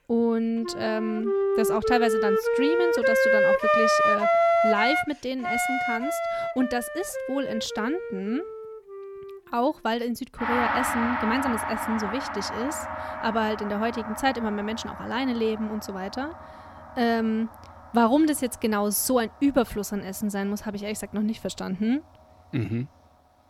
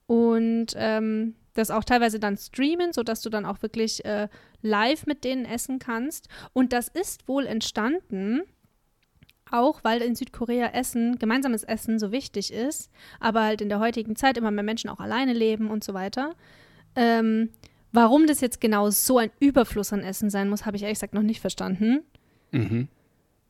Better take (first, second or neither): second